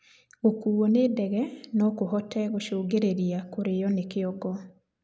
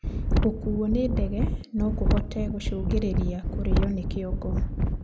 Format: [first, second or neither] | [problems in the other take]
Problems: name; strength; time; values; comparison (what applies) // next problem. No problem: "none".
first | background sound (Wind); 4 dB above the speech